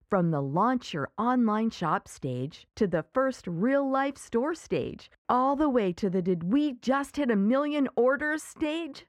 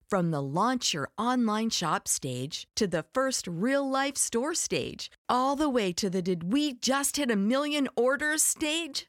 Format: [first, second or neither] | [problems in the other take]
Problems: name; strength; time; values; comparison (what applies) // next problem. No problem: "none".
second | muffled; very; fading above 3 kHz